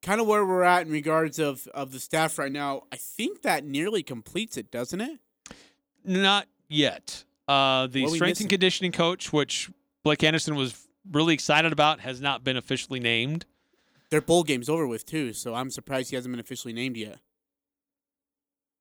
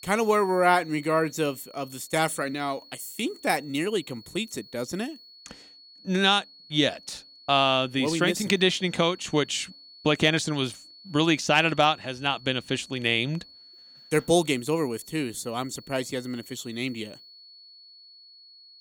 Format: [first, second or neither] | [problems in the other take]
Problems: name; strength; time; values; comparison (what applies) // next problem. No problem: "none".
first | high-pitched whine; faint; throughout; 4.5 kHz, 20 dB below the speech